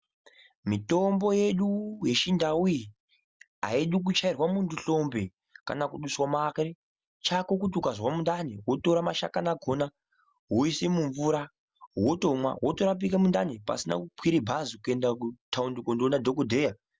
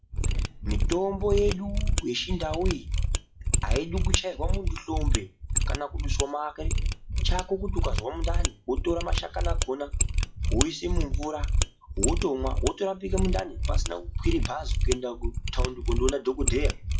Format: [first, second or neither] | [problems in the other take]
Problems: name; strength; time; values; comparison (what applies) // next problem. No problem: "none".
first | noise reduction (classical method WPE with log-MMSE)